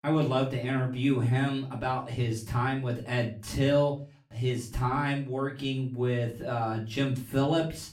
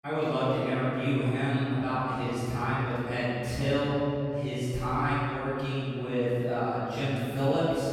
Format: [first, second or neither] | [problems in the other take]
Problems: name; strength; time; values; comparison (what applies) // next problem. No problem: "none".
first | room echo; strong; dies away in 2.5 s; slight in the first // off-mic speech; far; far in the first